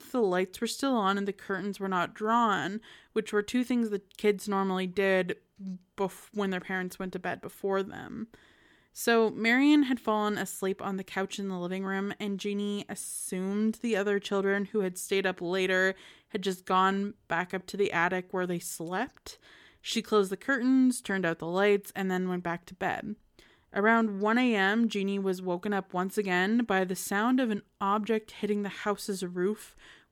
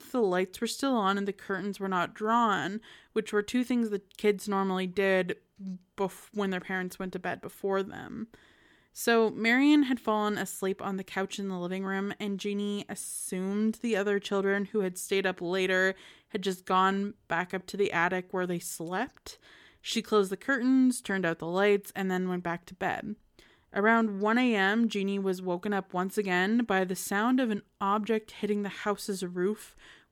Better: neither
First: none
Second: none

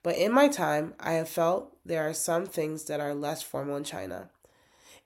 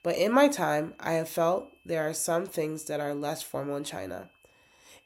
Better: first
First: none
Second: high-pitched whine; faint; throughout; 2.5 kHz, 35 dB below the speech

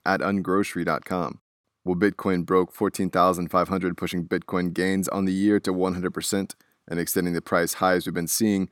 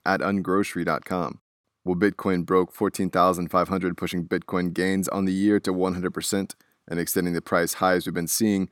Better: neither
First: none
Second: none

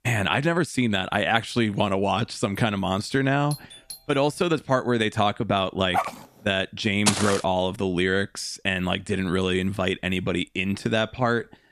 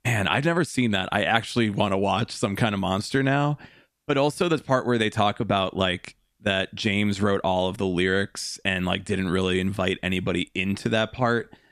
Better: second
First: doorbell; faint; at 3.5 s; peak 15 dB below the speech // dog barking; noticeable; at 6 s; peak 4 dB below the speech // footsteps; loud; at 7 s; peak 1 dB above the speech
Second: none

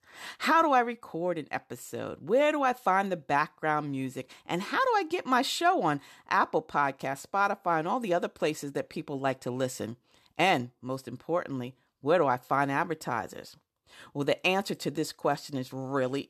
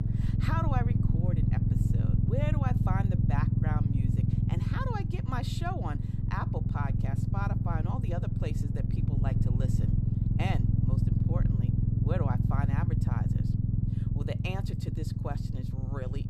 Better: first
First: none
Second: low rumble; loud; throughout; 1 dB below the speech

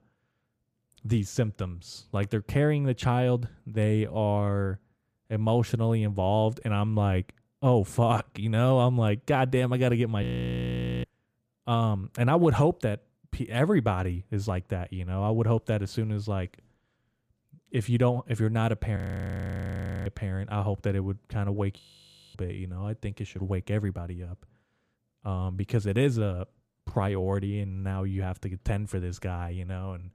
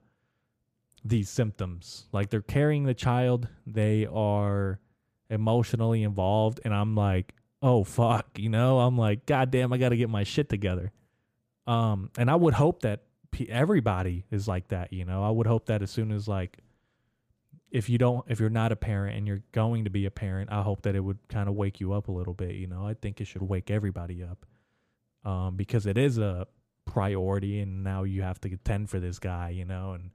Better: second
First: audio freezing; at 10 s for 1 s, at 19 s for 1 s and at 22 s for 0.5 s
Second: none

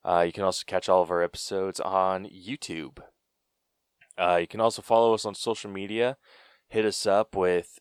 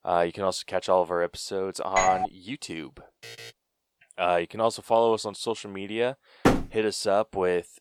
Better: first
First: none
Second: doorbell; loud; at 2 s; peak 3 dB above the speech // alarm; faint; at 3 s; peak 15 dB below the speech // door banging; loud; at 6.5 s; peak 3 dB above the speech

